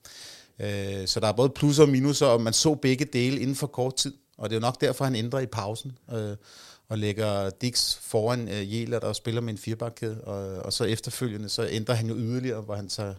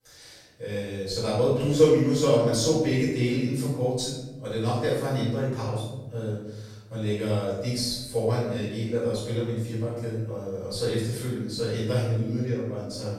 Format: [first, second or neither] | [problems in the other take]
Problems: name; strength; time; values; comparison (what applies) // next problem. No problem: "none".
first | off-mic speech; far // room echo; strong; dies away in 1.1 s